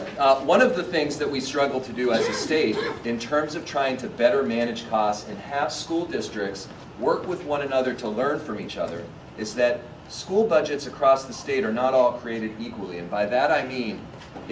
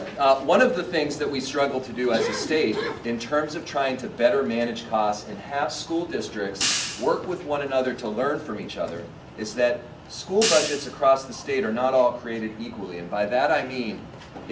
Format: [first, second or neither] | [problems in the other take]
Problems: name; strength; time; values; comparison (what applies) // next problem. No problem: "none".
first | background sound (Hi-hat); 6 dB below the speech